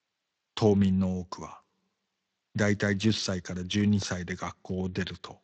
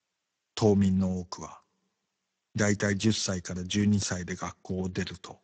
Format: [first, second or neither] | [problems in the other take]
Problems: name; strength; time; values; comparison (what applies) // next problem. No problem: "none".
first | garbled, watery; badly; nothing above 7.5 kHz; slightly in the first